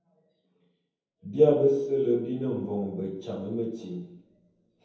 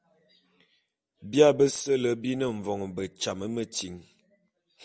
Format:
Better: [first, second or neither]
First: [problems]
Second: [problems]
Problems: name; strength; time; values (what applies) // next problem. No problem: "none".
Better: second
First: room echo; dies away in 0.9 s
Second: none